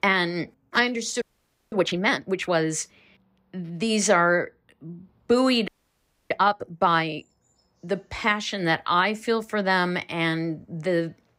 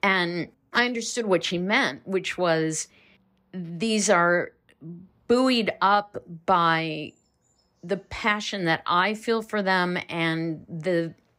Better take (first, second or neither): second